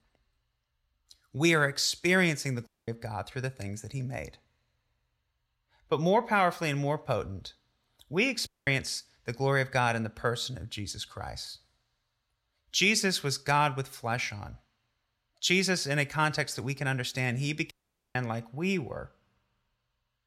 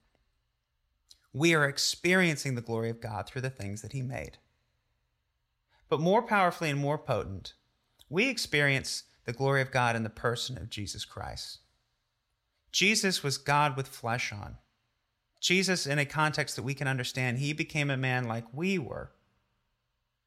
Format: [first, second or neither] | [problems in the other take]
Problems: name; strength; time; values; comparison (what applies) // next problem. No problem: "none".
second | audio cutting out; at 2.5 s, at 8.5 s and at 18 s